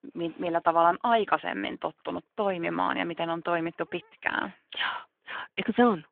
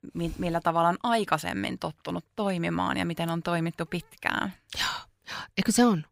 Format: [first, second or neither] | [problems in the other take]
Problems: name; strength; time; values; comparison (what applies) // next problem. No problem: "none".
second | phone-call audio